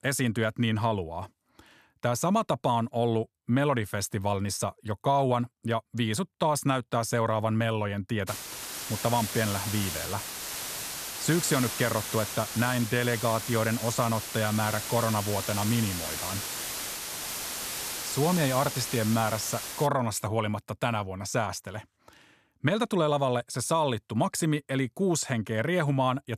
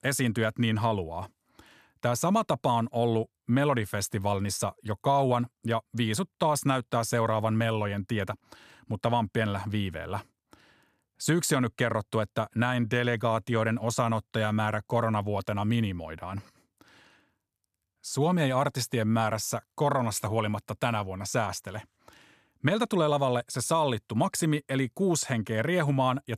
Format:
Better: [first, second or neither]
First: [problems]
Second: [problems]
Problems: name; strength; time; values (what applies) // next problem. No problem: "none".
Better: second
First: hiss; loud; from 8.5 to 20 s; 5 dB below the speech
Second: none